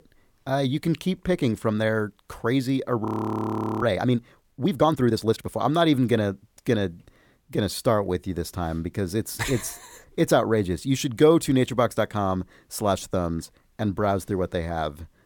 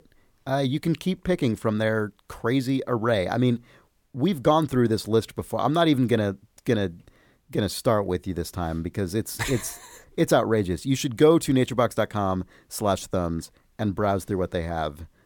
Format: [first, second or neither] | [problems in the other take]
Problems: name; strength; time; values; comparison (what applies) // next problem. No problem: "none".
second | audio freezing; at 3 s for 1 s